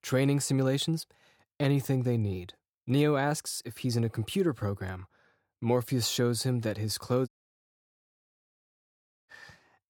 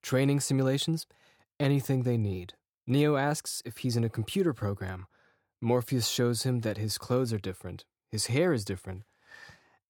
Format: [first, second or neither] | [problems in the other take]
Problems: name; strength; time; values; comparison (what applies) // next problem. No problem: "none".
second | audio cutting out; at 7.5 s for 2 s